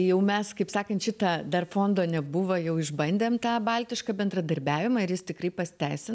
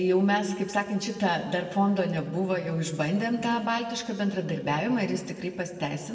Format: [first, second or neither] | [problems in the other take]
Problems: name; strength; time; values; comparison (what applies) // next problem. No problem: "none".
first | room echo; dies away in 1.3 s